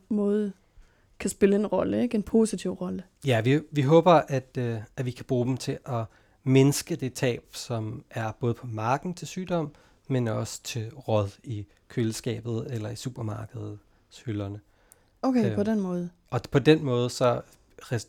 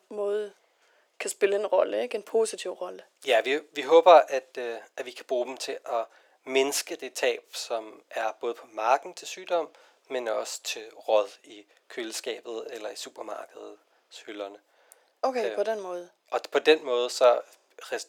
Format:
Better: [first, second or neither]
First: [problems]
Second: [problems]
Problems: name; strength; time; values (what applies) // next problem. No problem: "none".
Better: first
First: none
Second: thin; very; fading below 400 Hz